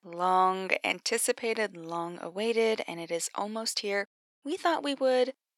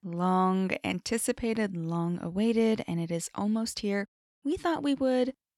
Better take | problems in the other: second | thin; somewhat; fading below 550 Hz

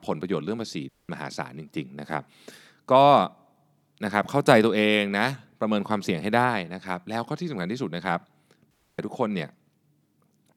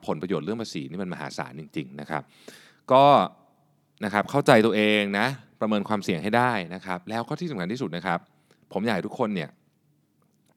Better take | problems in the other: second | audio cutting out; at 1 s and at 8.5 s

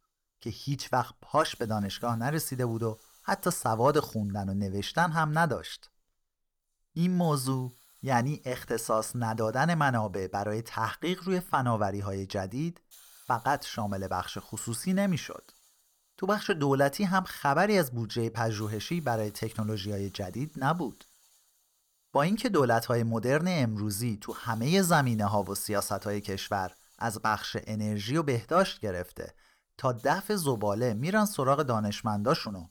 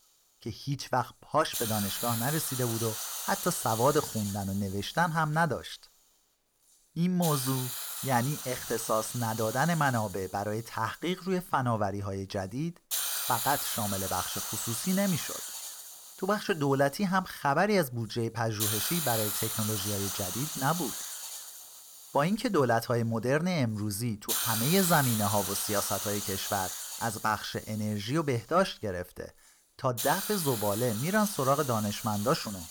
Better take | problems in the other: first | hiss; loud; throughout; 3 dB below the speech; faint in the first

